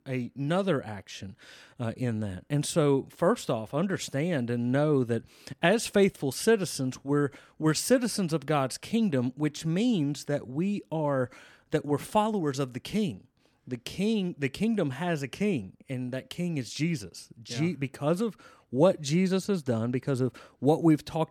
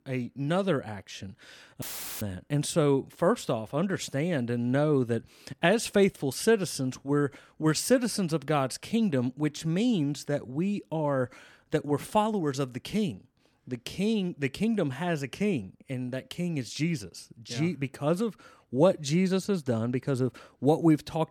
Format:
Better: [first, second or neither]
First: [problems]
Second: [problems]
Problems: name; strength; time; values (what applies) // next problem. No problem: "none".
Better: first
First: none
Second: audio cutting out; filled with static; at 2 s